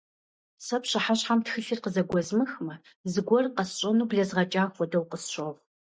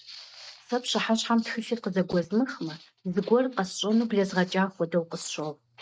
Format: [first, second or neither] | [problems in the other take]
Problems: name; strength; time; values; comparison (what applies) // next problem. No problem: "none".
first | noise reduction (neural mask model RNNoise)